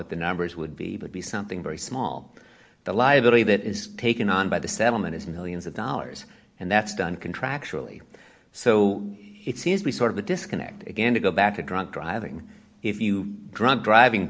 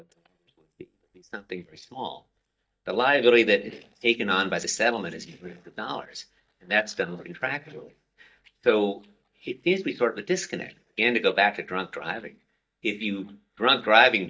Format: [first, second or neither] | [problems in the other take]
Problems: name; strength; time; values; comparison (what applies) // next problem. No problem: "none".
first | noise reduction (neural mask model DeepFilterNet 3)